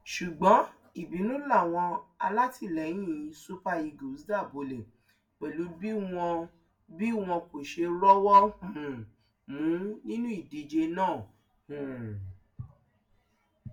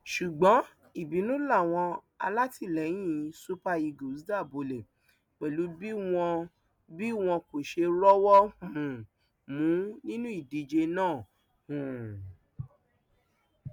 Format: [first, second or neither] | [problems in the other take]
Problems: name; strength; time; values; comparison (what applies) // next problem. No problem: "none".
second | room echo; dies away in 0.2 s